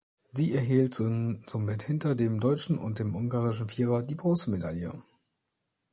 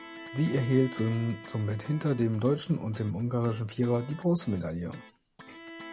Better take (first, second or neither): first